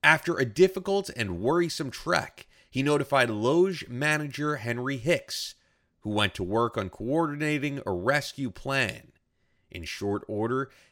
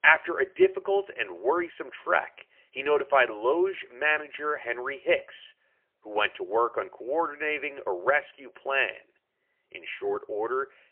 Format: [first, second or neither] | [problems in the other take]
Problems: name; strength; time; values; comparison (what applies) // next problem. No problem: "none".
first | phone-call audio; poor line; nothing above 3 kHz